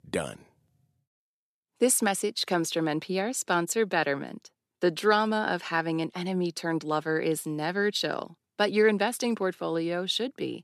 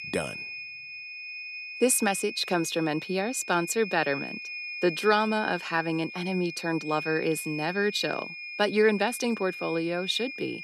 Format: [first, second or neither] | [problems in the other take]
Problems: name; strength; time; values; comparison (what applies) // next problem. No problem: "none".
first | high-pitched whine; loud; throughout; 2.5 kHz, 9 dB below the speech